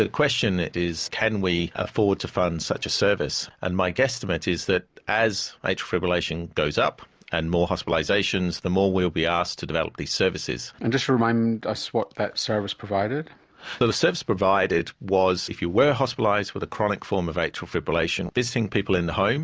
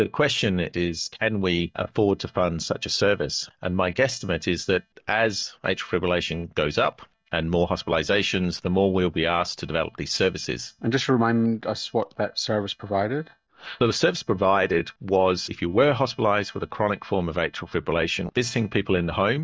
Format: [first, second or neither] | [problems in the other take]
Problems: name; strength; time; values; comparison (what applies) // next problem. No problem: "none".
first | noise reduction (neural mask model DeepFilterNet 3)